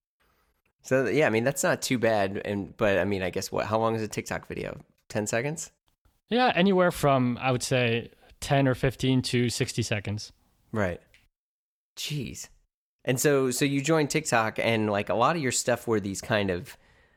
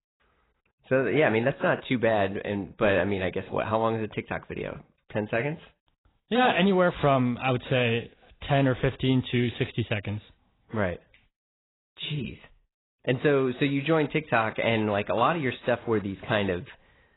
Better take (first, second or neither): first